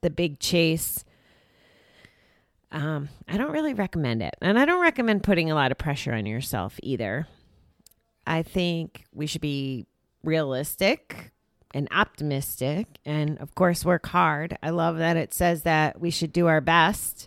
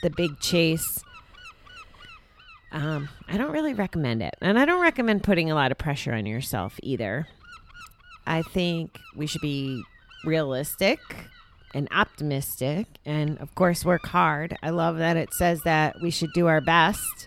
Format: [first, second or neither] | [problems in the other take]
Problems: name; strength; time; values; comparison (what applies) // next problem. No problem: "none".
first | wind noise on the microphone; occasional gusts; 20 dB below the speech